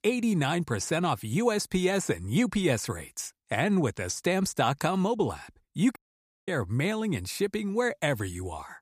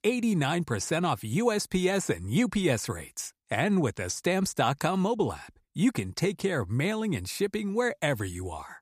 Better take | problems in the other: second | audio cutting out; at 6 s for 0.5 s

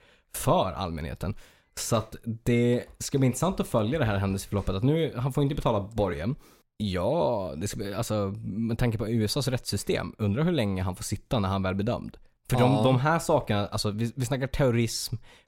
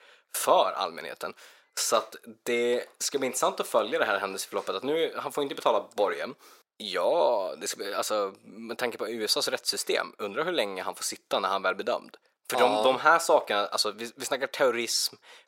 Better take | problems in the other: first | thin; very; fading below 400 Hz

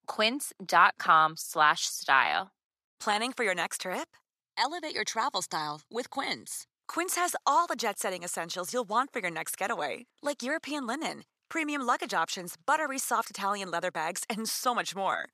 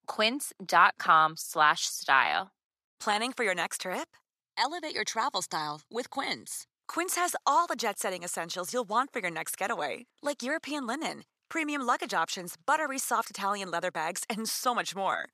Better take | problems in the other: neither | thin; somewhat; fading below 600 Hz; the same in both

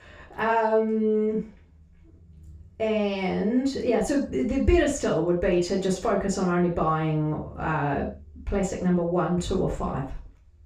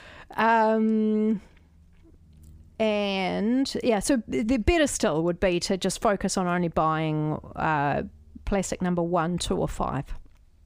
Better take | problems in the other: second | room echo; noticeable; dies away in 0.3 s // off-mic speech; far

